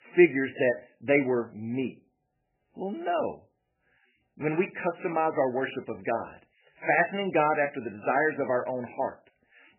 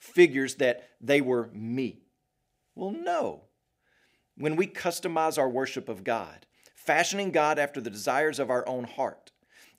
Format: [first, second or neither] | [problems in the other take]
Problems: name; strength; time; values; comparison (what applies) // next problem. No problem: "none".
second | garbled, watery; badly; nothing above 3 kHz